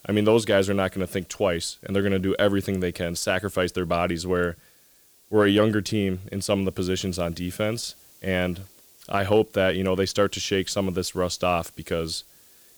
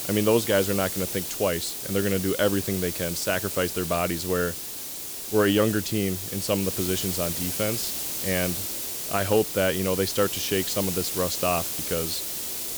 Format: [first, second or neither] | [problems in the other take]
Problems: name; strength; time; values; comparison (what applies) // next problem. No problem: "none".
first | hiss; loud; throughout; 2 dB below the speech; faint in the first